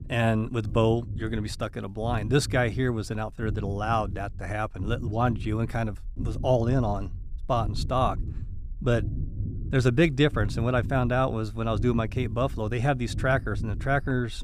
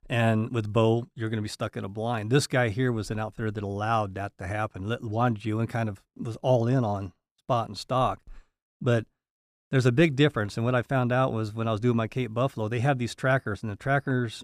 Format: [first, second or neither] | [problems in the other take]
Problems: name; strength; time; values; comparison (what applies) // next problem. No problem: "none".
second | low rumble; noticeable; throughout; 20 dB below the speech